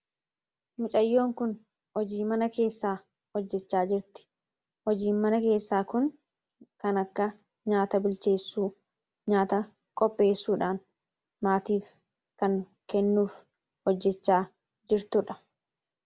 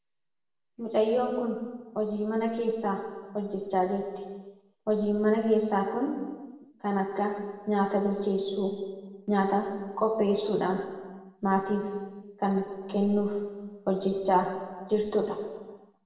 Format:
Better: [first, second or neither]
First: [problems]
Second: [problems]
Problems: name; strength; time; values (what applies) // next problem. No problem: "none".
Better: first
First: none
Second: room echo; dies away in 1.3 s